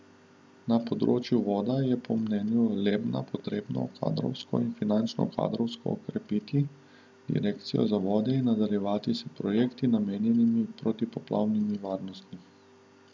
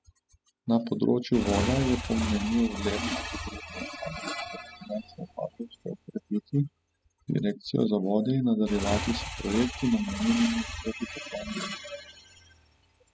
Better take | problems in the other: first | noise reduction (classical method spectral subtraction)

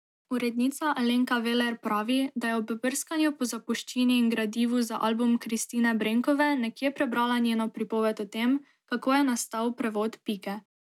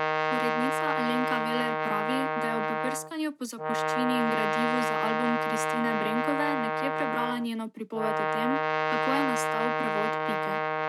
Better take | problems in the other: first | background sound (Brass instrument); 4 dB above the speech

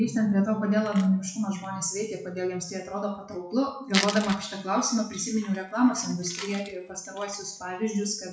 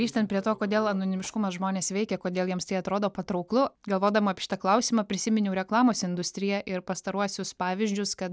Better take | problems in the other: second | noise reduction (classical method WPE with log-MMSE)

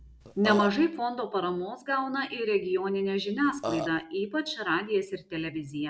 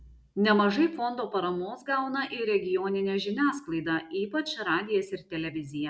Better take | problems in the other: second | background sound (Burping, eructation); 7 dB below the speech

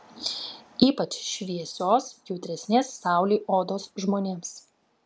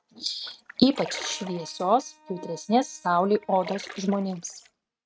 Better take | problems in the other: first | noise reduction (neural mask model RNNoise)

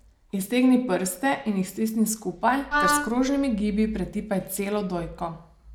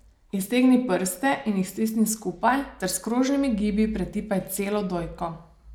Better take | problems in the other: second | background sound (Wind instrument, woodwind instrument); 1 dB below the speech

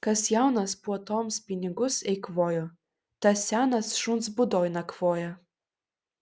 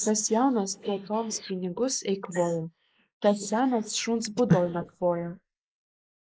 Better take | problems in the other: first | noise reduction (neural mask model Resemble Enhance denoiser)

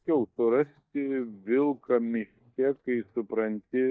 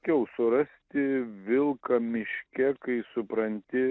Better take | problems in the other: second | noise reduction (neural mask model DeepFilterNet 3)

